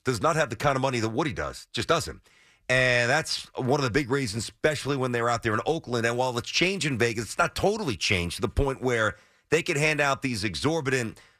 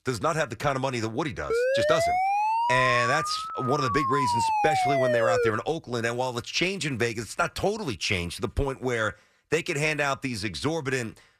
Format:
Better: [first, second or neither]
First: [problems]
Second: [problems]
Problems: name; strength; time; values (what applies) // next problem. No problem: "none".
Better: first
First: none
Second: siren; loud; from 1.5 to 5.5 s; peak 4 dB above the speech